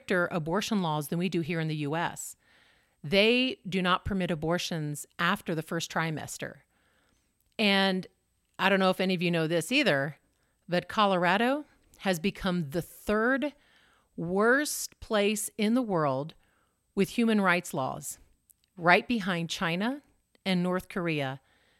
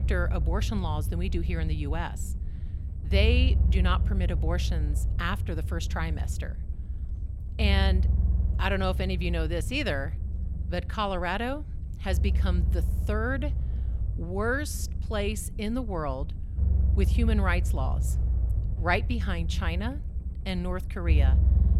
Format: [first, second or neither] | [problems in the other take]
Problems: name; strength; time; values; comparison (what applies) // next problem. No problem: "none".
first | low rumble; noticeable; throughout; 15 dB below the speech